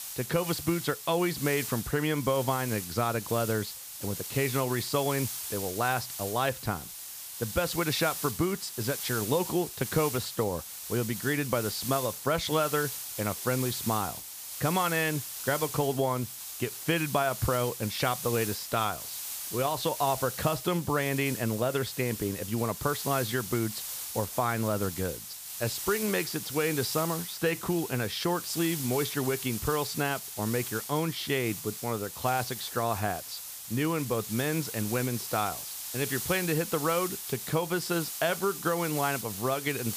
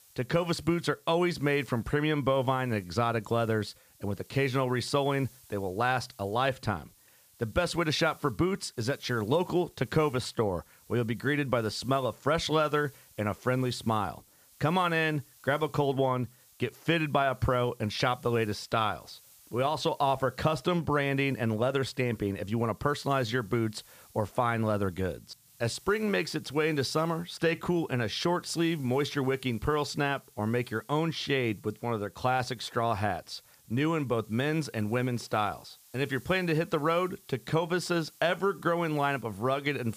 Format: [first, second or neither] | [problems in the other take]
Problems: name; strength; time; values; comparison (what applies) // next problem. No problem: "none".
second | hiss; loud; throughout; 6 dB below the speech; faint in the second